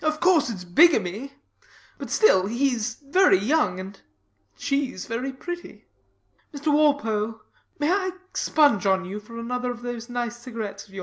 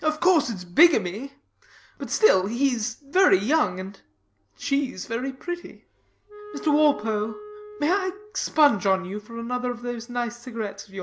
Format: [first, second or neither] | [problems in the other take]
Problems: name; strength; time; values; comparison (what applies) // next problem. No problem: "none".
first | background sound (Wind instrument, woodwind instrument); 15 dB below the speech